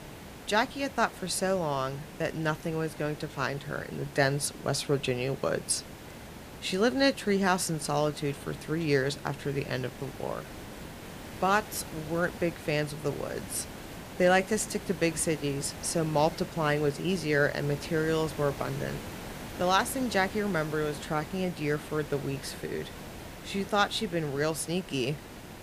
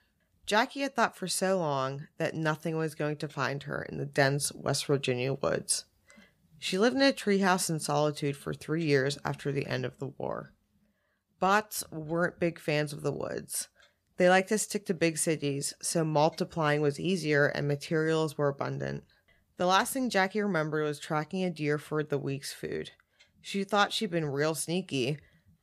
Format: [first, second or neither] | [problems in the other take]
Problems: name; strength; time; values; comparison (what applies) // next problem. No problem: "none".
second | hiss; noticeable; throughout; 15 dB below the speech